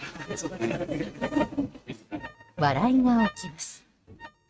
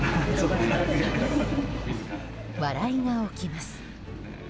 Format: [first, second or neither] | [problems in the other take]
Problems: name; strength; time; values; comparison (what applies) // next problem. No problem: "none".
second | noise reduction (neural mask model RNNoise)